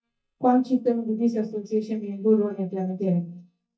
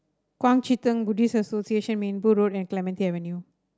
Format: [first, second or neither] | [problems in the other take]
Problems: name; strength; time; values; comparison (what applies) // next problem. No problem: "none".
second | noise reduction (neural mask model DeepFilterNet 3)